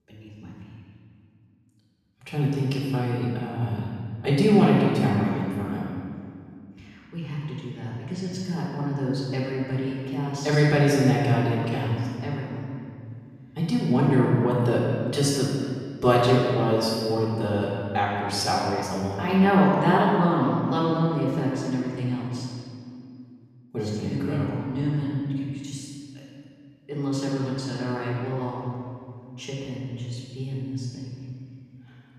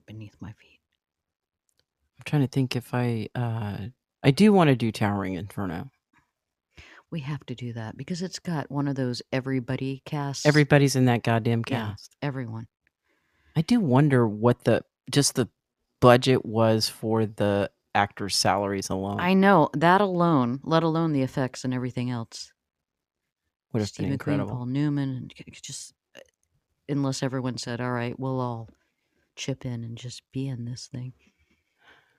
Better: second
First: off-mic speech; far // room echo; strong; dies away in 2 s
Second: none

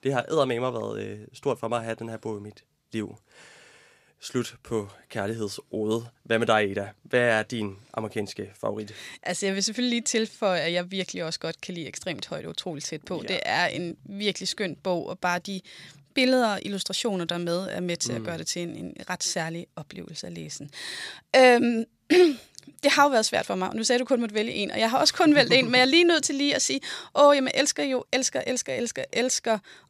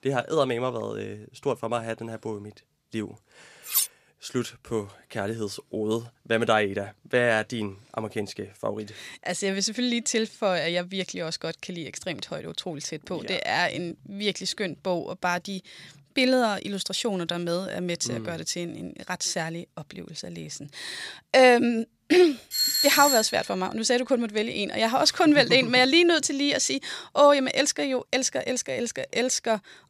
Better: first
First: none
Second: clattering dishes; loud; at 3.5 s; peak 1 dB above the speech // doorbell; loud; at 23 s; peak 4 dB above the speech

